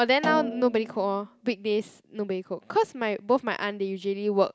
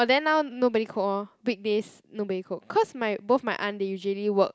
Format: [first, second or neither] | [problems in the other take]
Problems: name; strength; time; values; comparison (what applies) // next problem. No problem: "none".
second | background sound (Snare drum); 10 dB below the speech